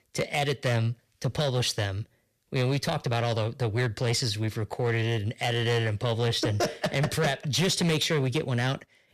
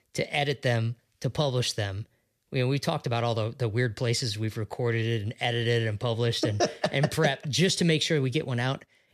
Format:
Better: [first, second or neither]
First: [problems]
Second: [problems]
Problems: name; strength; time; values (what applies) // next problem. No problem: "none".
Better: second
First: distortion; slight; 10% of the sound clipped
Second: none